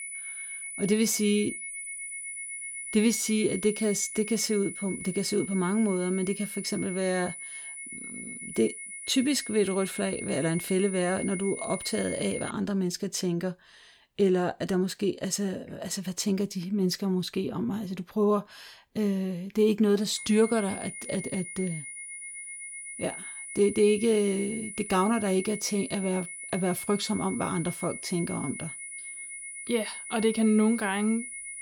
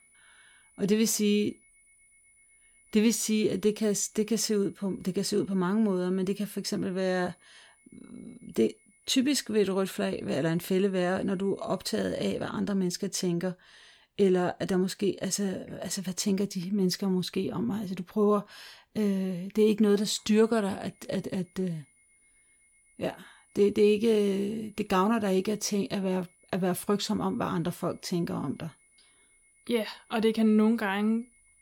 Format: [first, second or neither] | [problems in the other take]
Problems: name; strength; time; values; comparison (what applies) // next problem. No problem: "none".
second | high-pitched whine; loud; until 13 s and from 20 s on; 2 kHz, 9 dB below the speech; faint in the second